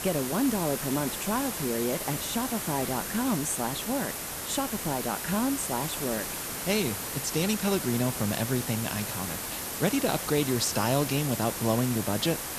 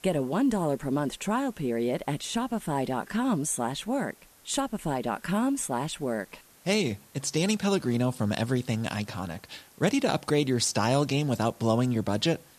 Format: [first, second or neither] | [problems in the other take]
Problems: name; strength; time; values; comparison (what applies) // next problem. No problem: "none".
second | hiss; loud; throughout; 3 dB below the speech; faint in the second